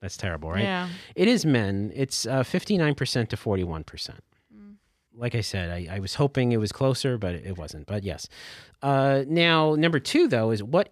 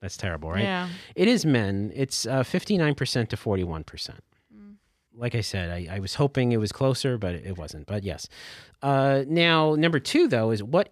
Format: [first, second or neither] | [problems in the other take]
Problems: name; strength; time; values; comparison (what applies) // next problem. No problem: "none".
neither | none